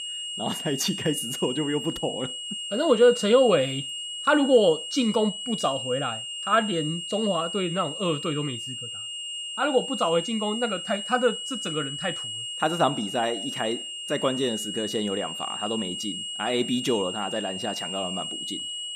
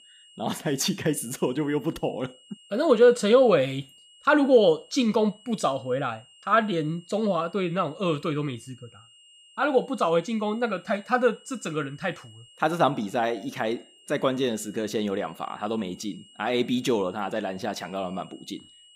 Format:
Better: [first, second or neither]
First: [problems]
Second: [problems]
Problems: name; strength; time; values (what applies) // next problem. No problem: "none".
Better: second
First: high-pitched whine; loud; throughout; 3 kHz, 5 dB below the speech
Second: high-pitched whine; faint; throughout; 3 kHz, 25 dB below the speech